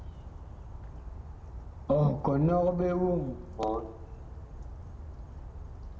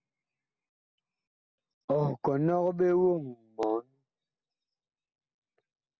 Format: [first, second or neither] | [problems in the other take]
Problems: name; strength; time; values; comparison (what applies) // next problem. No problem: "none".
second | background sound (Bird vocalization, bird call, bird song); 10 dB below the speech // room echo; dies away in 1 s